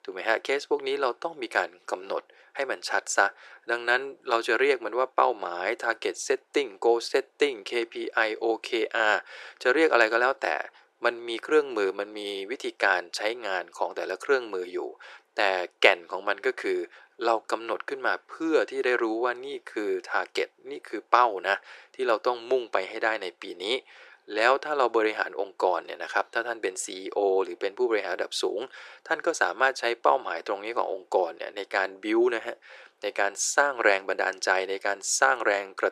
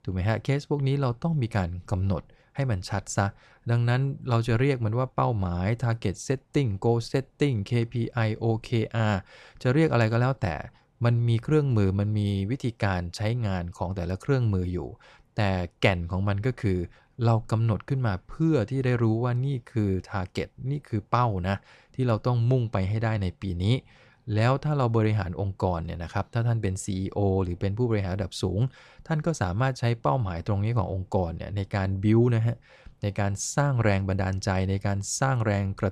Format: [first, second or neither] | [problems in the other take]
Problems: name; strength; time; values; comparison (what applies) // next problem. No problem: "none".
second | thin; very; fading below 350 Hz